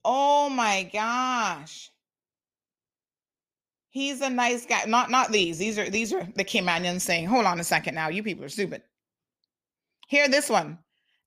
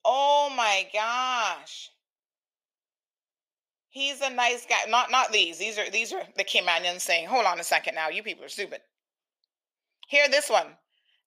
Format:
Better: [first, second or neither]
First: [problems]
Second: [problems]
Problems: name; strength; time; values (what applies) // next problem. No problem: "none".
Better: first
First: none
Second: thin; very; fading below 550 Hz